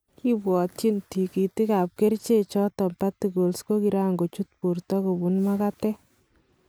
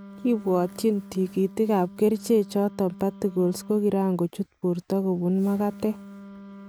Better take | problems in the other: first | background sound (Wind instrument, woodwind instrument); 19 dB below the speech

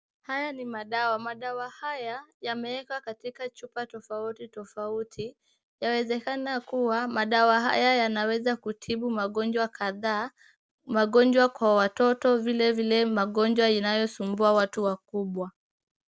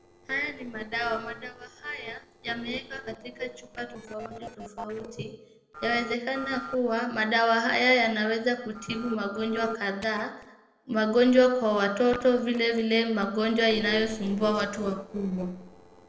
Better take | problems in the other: first | noise reduction (neural separator model SepFormer DNS4)

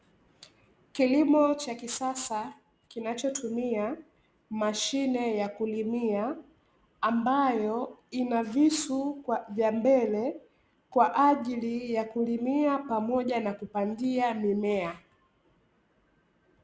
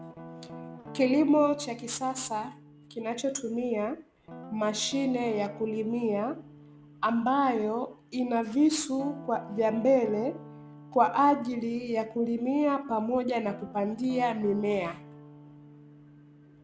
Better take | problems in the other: first | background sound (Guitar); 18 dB below the speech

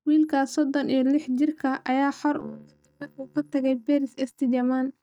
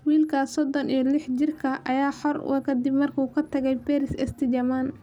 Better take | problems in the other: second | noise reduction (neural mask model DeepFilterNet 3)

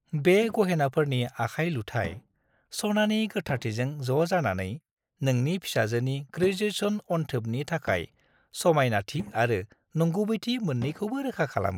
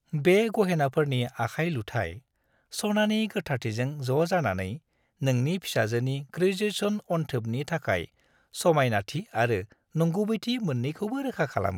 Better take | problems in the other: second | noise reduction (neural mask model Resemble Enhance denoiser)

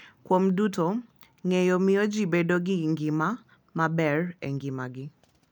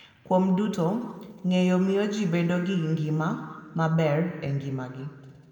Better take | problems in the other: first | room echo; dies away in 1.9 s

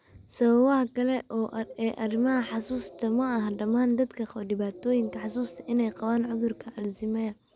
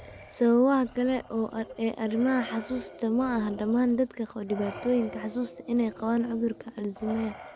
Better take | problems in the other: first | background sound (Respiratory sounds); 18 dB below the speech

